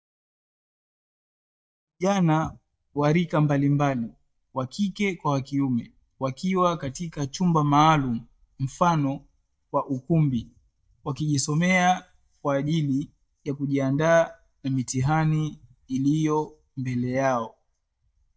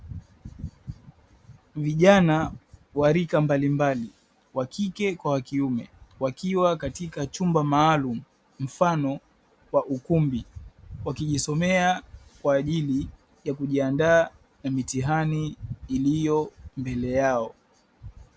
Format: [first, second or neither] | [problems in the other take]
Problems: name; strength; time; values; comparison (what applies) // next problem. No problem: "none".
second | noise reduction (neural mask model DeepFilterNet 3)